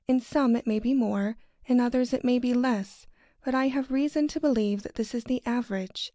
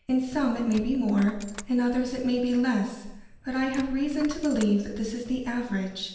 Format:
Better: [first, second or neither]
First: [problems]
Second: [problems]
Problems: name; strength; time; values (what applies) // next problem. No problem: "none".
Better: first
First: none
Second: background sound (Coin (dropping)); 20 dB below the speech // room echo; dies away in 0.8 s